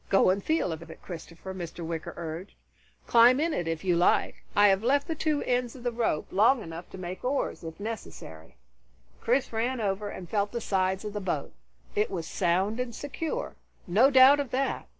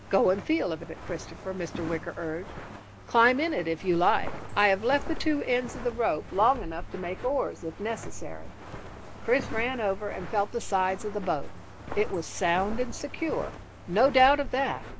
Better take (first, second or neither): first